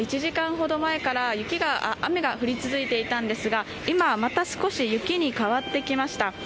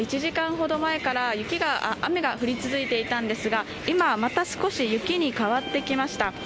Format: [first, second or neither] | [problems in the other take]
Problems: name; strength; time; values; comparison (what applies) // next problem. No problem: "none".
first | background sound (Drum kit); 18 dB below the speech